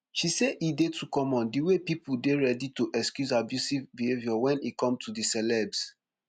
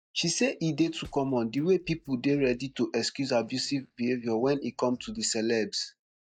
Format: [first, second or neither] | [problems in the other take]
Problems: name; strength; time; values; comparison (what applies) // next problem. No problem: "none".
first | noise reduction (neural mask model DeepFilterNet 3)